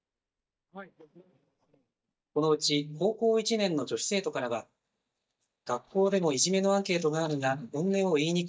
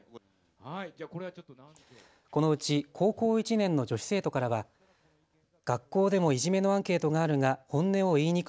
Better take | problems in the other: second | noise reduction (neural mask model DeepFilterNet 3)

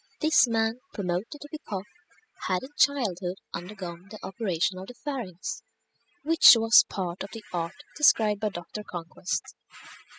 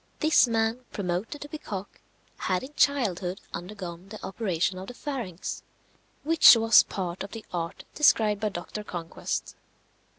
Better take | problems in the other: second | noise reduction (classical method spectral subtraction)

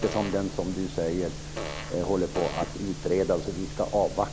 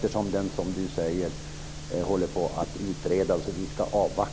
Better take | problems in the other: second | background sound (Fart); 9 dB below the speech

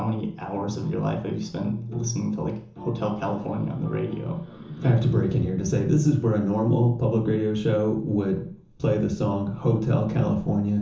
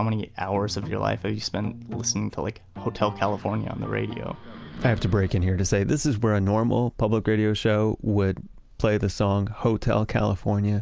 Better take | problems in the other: second | room echo; dies away in 0.7 s

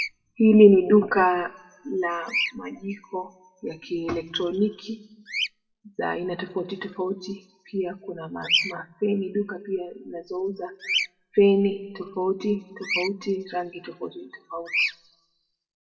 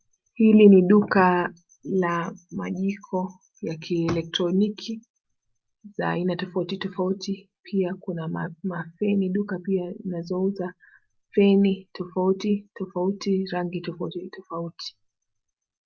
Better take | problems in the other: second | noise reduction (classical method WPE with log-MMSE)

